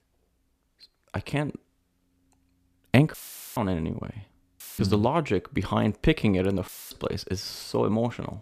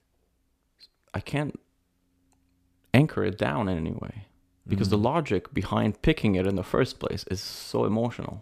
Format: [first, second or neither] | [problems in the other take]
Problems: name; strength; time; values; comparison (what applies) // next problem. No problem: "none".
second | audio cutting out; filled with static; at 3 s, at 4.5 s and at 6.5 s